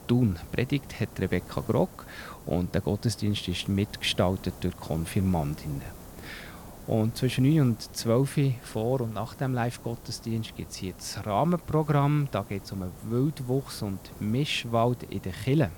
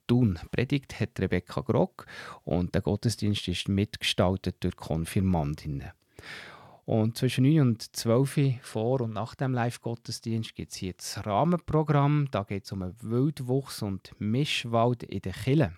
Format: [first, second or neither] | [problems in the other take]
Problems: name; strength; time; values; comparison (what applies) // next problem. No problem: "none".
second | hiss; noticeable; throughout; 20 dB below the speech